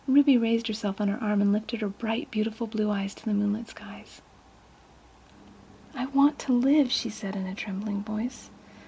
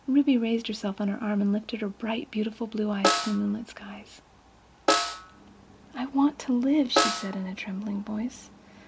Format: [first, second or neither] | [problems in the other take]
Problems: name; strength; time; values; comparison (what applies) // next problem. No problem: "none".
first | background sound (Snare drum); 2 dB below the speech